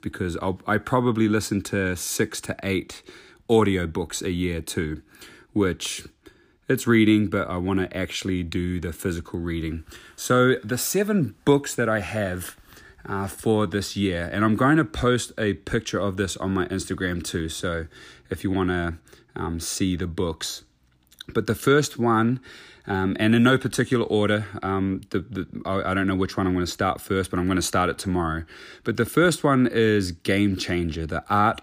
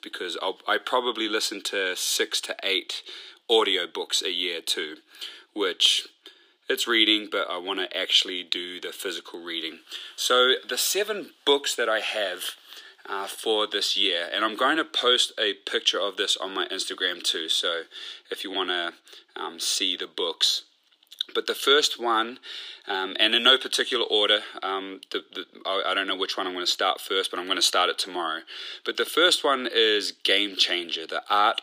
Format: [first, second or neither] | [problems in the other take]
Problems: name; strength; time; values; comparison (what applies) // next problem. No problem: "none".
first | thin; very; fading below 400 Hz